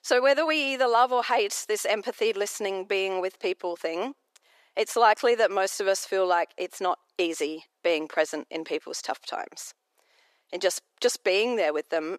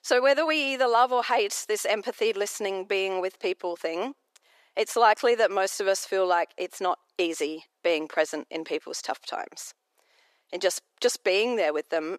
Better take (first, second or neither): neither